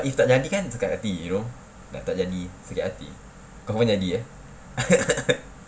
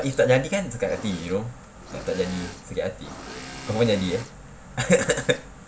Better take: first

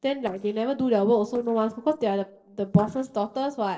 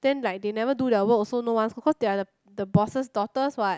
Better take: second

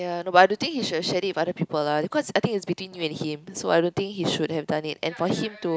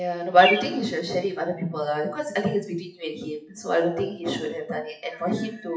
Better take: first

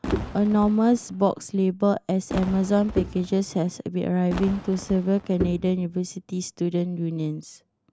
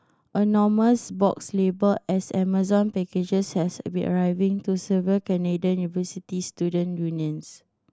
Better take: second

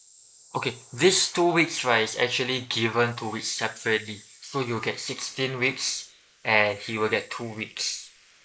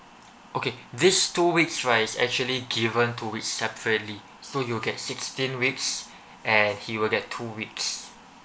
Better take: second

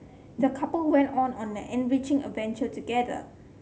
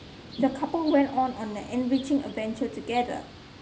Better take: first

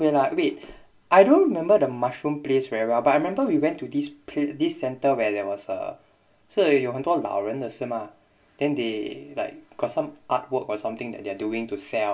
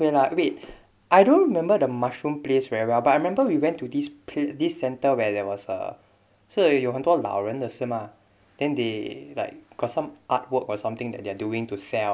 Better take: second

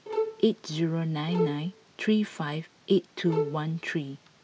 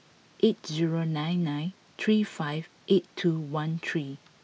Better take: second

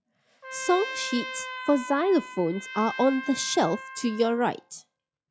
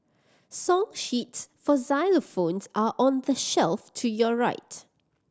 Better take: second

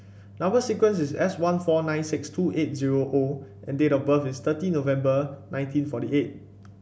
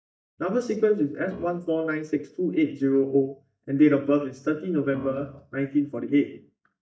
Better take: first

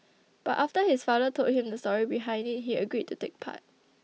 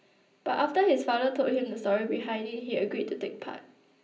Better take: first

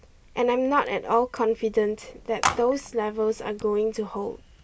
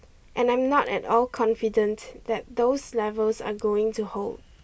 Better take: second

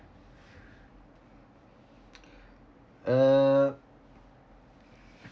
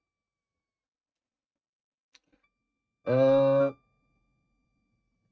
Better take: first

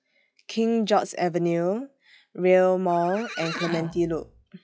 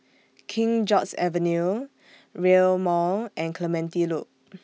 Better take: second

